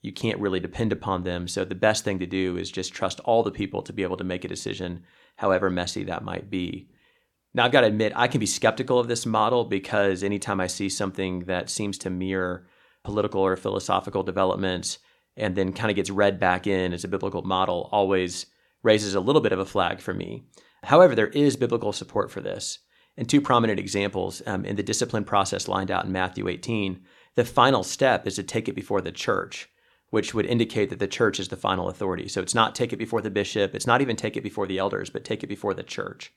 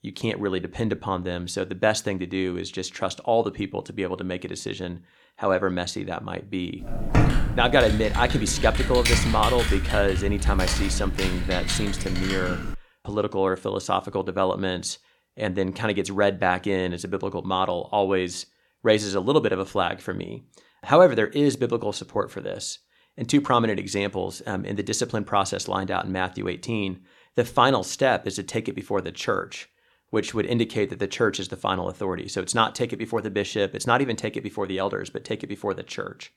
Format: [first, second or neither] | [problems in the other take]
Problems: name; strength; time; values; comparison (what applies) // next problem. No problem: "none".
first | keyboard typing; loud; from 7 to 13 s; peak 4 dB above the speech